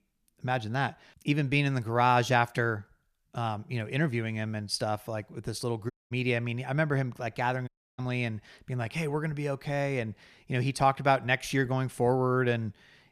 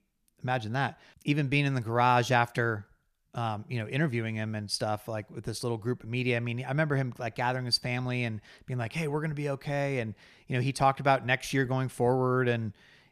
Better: second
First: audio cutting out; at 6 s and at 7.5 s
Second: none

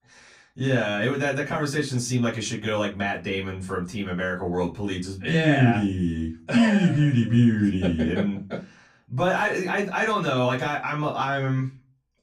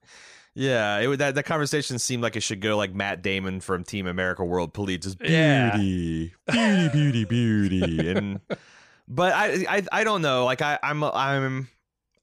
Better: second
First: off-mic speech; far // room echo; very slight; dies away in 0.2 s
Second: none

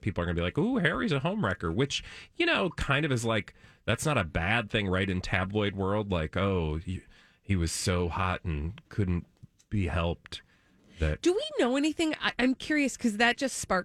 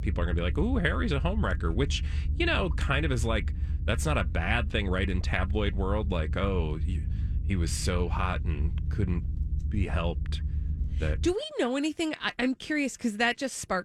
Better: first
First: none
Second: low rumble; noticeable; until 11 s; 20 dB below the speech

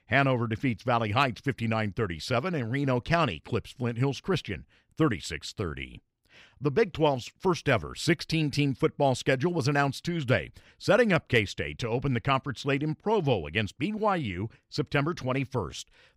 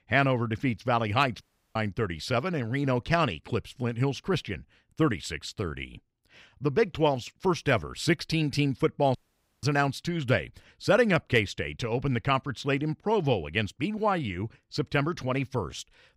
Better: first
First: none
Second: audio cutting out; at 1.5 s and at 9 s

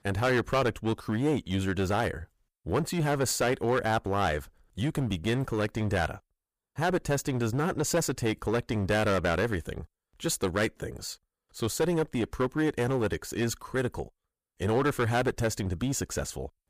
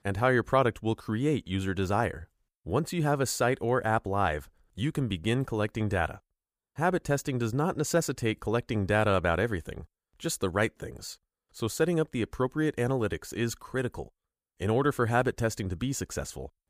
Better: second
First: distortion; heavy; 8% of the sound clipped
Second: none

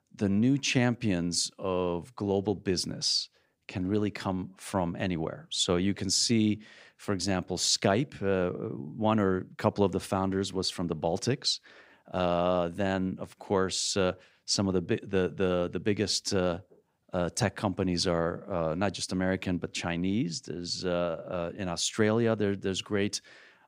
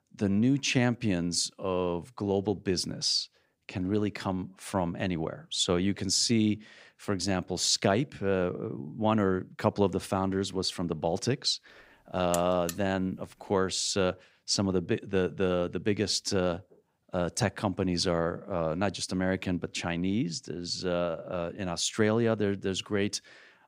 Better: first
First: none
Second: alarm; noticeable; at 12 s; peak 8 dB below the speech

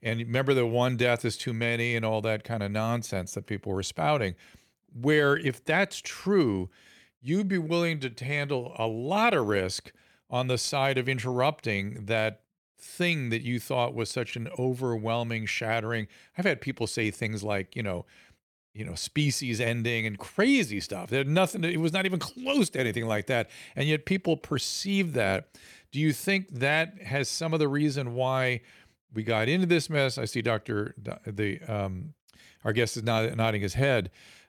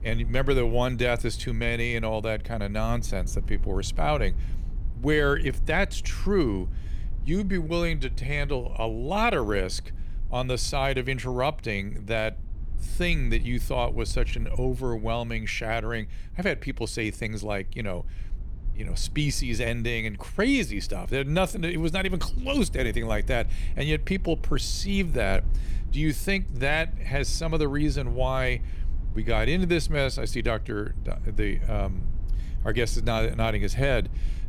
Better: first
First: none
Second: low rumble; faint; throughout; 25 dB below the speech

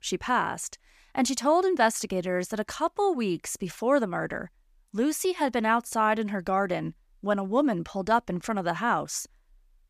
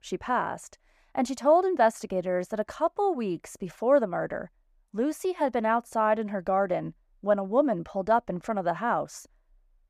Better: first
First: none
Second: muffled; slightly; fading above 2 kHz

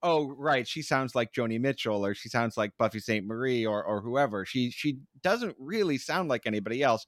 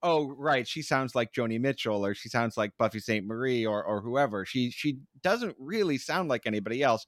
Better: neither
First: none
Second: none

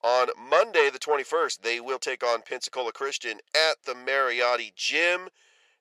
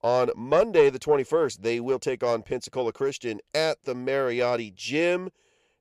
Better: second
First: thin; very; fading below 700 Hz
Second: none

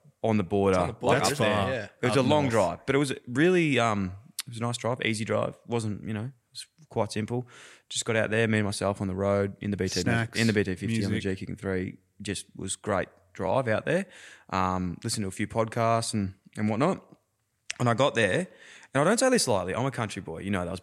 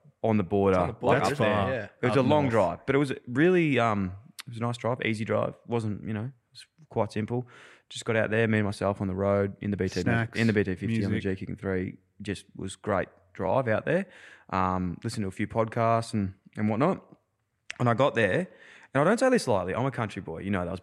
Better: first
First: none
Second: muffled; slightly; fading above 3.5 kHz

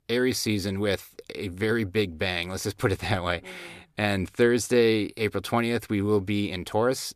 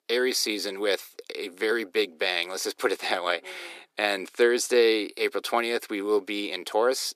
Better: first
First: none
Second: thin; somewhat; fading below 350 Hz

